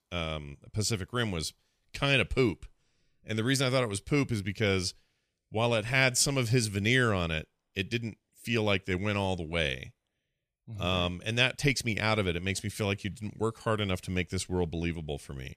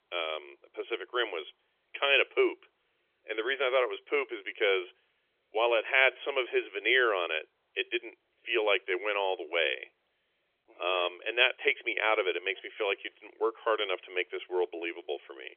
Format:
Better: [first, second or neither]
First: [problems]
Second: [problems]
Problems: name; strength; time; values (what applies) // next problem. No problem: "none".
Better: first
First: none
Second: phone-call audio; nothing above 3.5 kHz